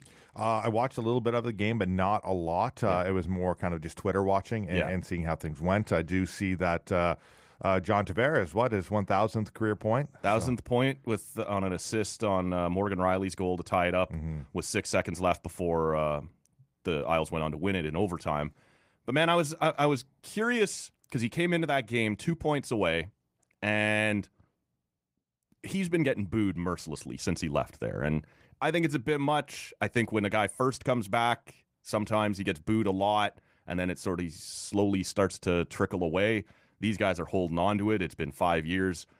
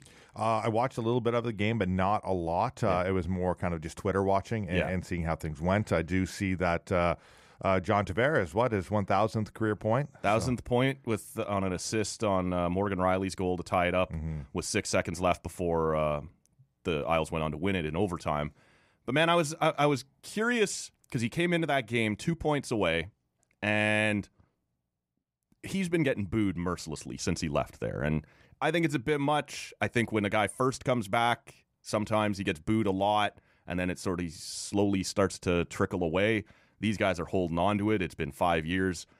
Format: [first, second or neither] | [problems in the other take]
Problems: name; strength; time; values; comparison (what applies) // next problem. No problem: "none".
second | garbled, watery; slightly; nothing above 15.5 kHz